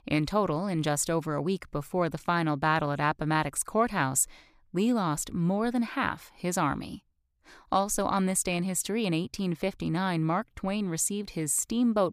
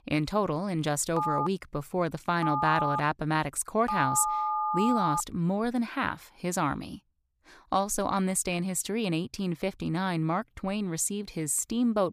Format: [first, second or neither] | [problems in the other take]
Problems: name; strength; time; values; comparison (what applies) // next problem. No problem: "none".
first | phone ringing; loud; from 1 to 5 s; peak 1 dB above the speech